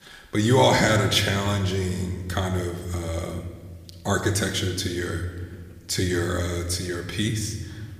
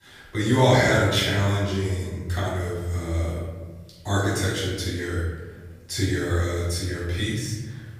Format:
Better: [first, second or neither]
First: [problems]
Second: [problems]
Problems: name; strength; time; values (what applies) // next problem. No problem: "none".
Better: first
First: room echo; slight; dies away in 1.3 s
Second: room echo; strong; dies away in 1.3 s // off-mic speech; far